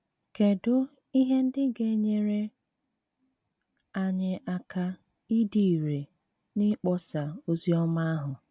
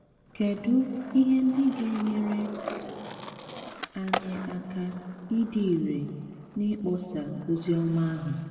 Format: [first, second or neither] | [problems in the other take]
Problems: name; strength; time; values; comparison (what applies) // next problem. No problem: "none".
first | background sound (Skateboard); 13 dB below the speech // room echo; dies away in 1.9 s